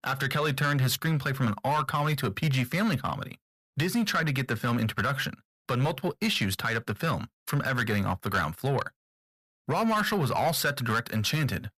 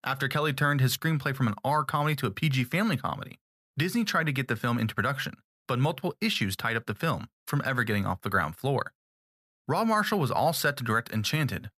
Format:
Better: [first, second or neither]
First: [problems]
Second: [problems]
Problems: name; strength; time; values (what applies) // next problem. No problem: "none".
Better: second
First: distortion; slight; 10 dB below the speech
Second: none